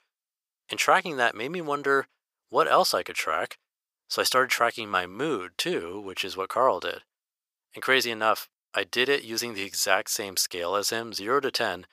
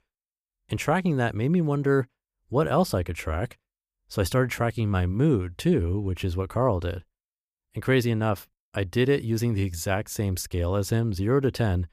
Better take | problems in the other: second | thin; very; fading below 600 Hz

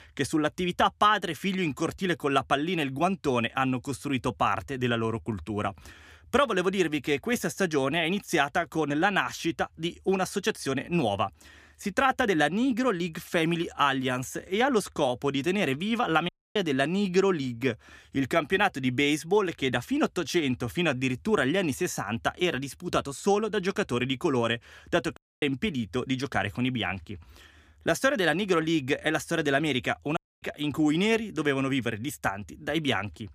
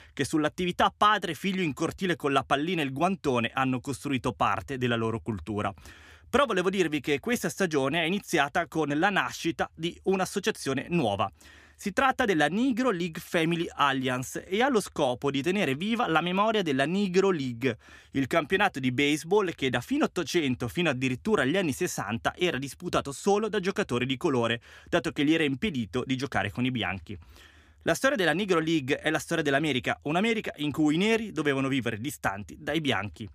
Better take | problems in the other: second | audio cutting out; at 16 s, at 25 s and at 30 s

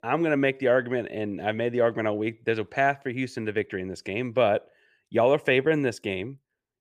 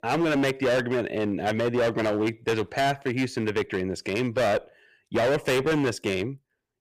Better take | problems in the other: first | distortion; heavy; 18% of the sound clipped

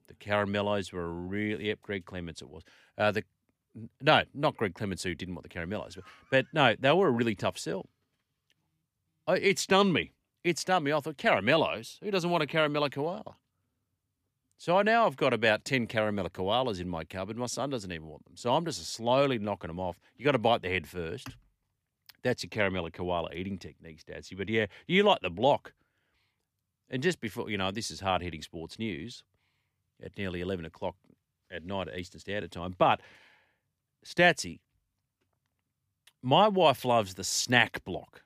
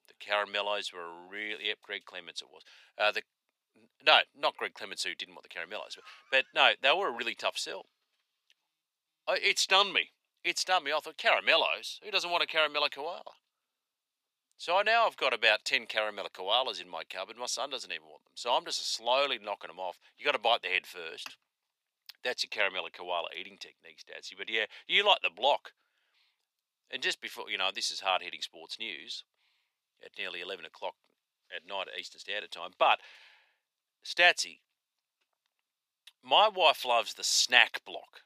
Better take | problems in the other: first | thin; very; fading below 750 Hz

